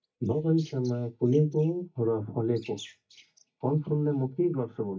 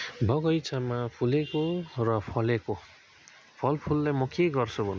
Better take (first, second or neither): second